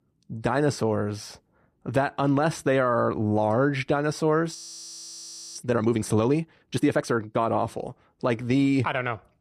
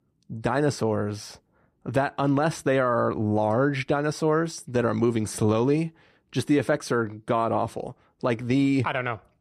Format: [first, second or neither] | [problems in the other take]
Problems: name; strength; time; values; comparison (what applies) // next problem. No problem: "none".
second | audio freezing; at 4.5 s for 1 s